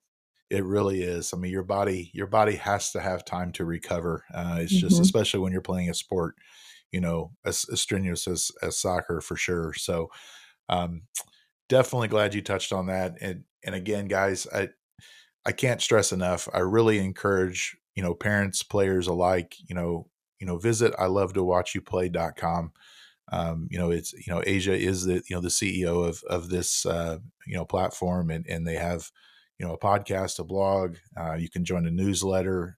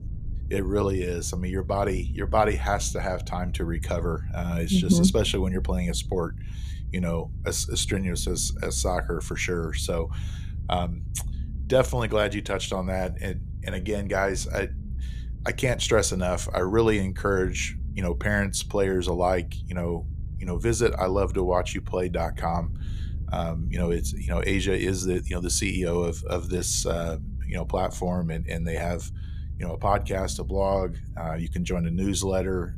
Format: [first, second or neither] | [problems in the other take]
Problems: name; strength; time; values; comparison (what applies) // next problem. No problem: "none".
first | low rumble; faint; throughout; 20 dB below the speech